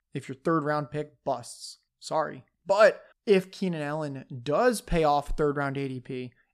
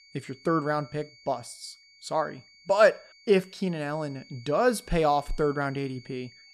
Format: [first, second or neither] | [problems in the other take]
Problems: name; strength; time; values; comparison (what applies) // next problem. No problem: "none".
first | high-pitched whine; faint; throughout; 4.5 kHz, 25 dB below the speech